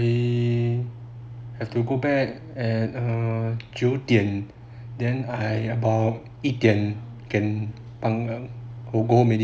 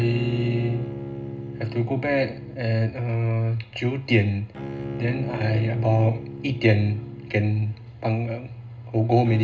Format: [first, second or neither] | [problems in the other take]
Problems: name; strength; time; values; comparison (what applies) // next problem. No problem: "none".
first | background sound (Bowed string instrument); 12 dB below the speech // room echo; dies away in 0.2 s